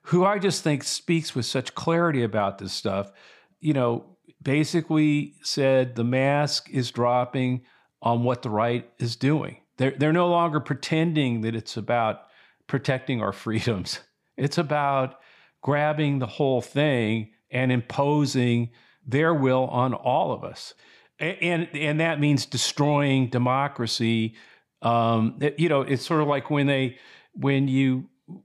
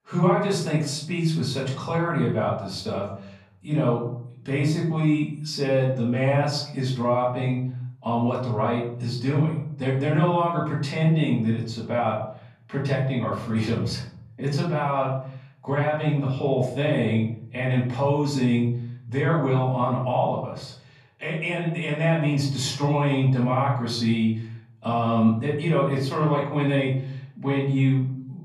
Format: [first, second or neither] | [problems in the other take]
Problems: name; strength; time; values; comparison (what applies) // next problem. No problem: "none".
first | off-mic speech; far // room echo; noticeable; dies away in 0.7 s